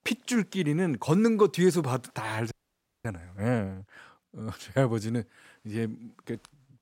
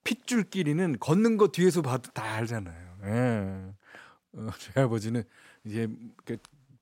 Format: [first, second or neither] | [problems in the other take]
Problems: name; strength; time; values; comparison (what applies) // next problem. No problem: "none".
second | audio freezing; at 2.5 s for 0.5 s